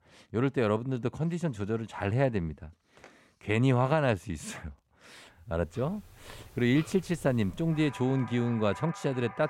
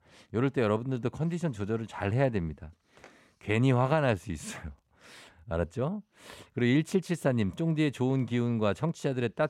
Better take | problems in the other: second | household noises; noticeable; from 6 s on; 20 dB below the speech

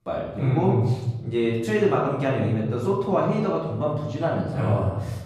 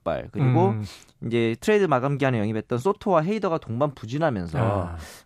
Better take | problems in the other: second | off-mic speech; far // room echo; noticeable; dies away in 1.3 s

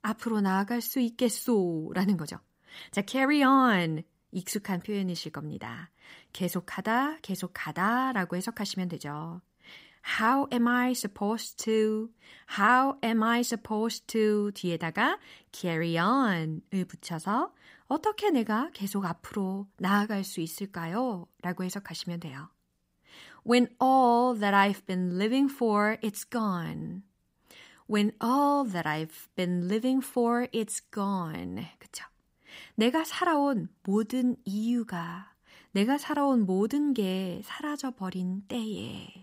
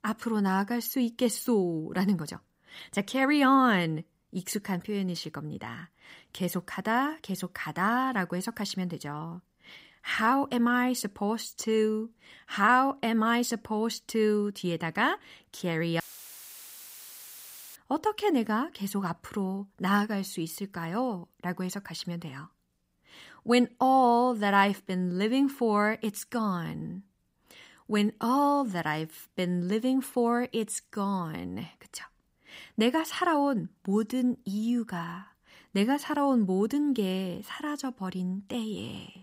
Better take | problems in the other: first | audio cutting out; filled with static; at 16 s for 2 s

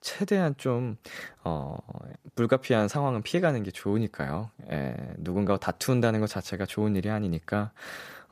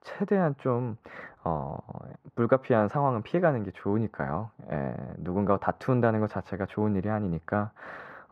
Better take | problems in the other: first | muffled; very; fading above 3.5 kHz

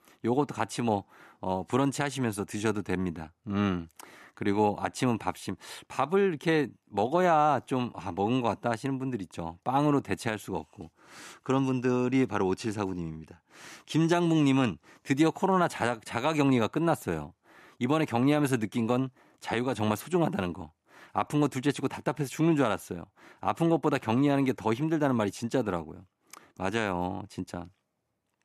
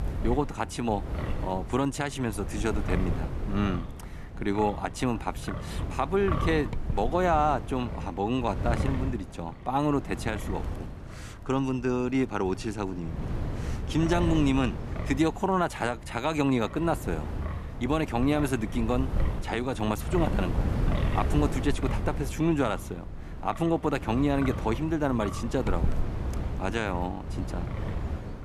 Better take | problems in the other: first | wind noise on the microphone; occasional gusts; 10 dB below the speech

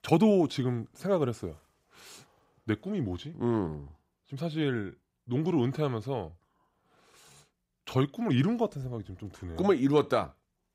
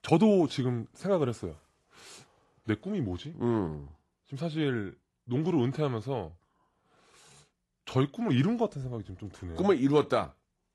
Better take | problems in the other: first | garbled, watery; slightly; nothing above 11.5 kHz

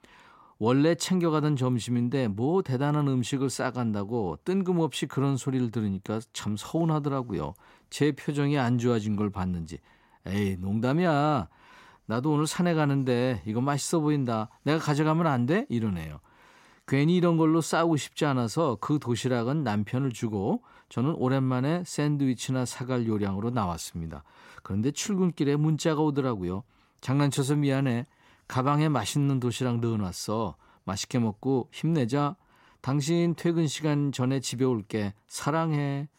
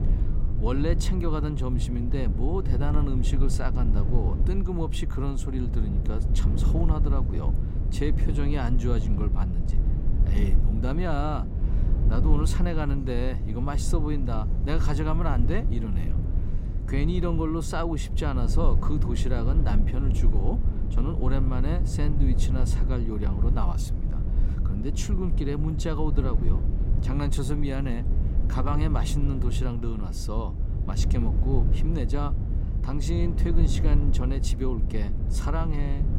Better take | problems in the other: first | low rumble; loud; throughout; 7 dB below the speech

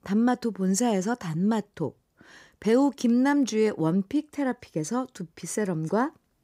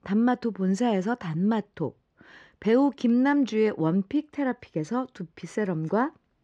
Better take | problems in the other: first | muffled; slightly; fading above 3 kHz

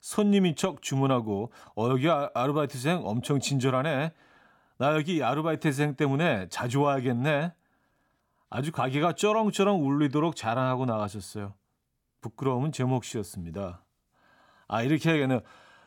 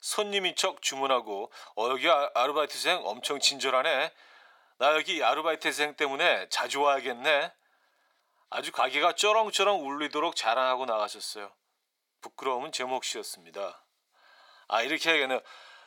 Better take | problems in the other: first | thin; very; fading below 500 Hz

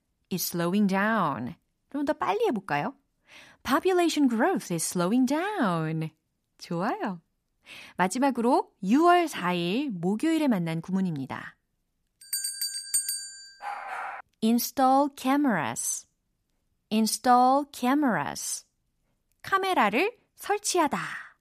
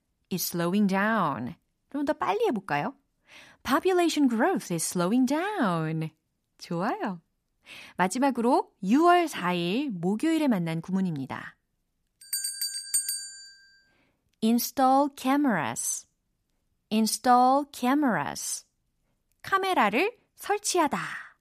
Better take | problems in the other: second | dog barking; noticeable; at 14 s; peak 9 dB below the speech

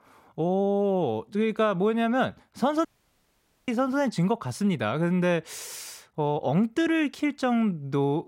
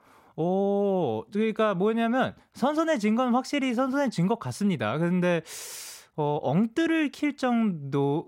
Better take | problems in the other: second | audio cutting out; at 3 s for 1 s

